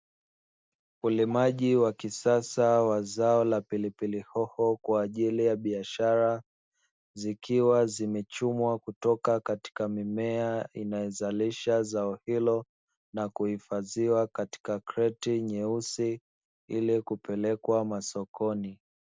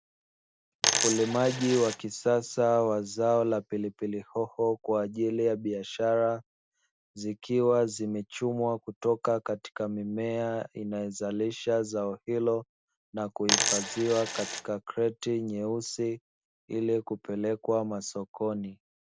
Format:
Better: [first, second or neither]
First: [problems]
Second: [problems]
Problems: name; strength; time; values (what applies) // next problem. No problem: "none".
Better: first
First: none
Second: background sound (Coin (dropping)); as loud as the speech